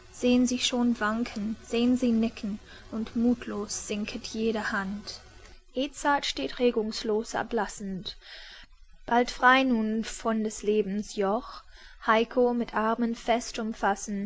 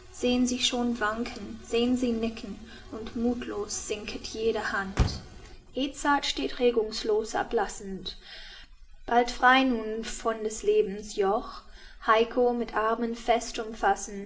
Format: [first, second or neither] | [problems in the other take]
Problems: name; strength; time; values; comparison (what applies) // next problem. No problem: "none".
first | background sound (Motor vehicle (road)); 15 dB below the speech // room echo; dies away in 0.5 s